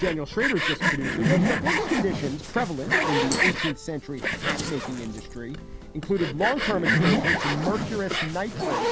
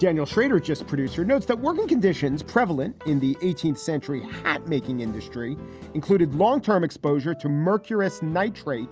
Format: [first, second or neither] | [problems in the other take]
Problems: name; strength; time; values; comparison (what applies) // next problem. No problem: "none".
second | background sound (Sawing + Zipper (clothing)); 2 dB above the speech